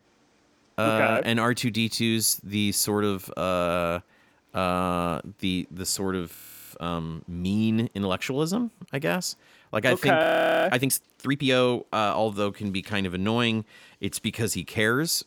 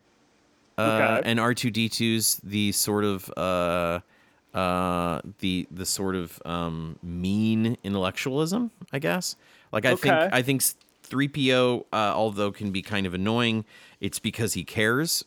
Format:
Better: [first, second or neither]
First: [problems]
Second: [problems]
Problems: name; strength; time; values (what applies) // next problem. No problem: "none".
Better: second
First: audio freezing; at 6.5 s and at 10 s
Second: none